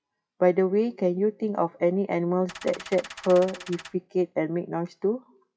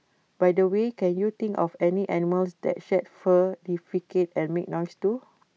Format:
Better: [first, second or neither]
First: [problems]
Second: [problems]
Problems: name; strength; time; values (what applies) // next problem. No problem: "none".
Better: second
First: noise reduction (classical method WPE with log-MMSE)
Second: none